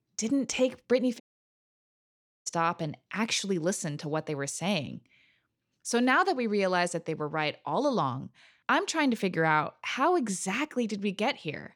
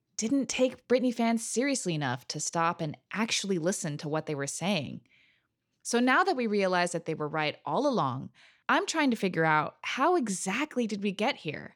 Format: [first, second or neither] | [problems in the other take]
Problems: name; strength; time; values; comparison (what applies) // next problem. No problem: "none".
second | audio cutting out; at 1 s for 1.5 s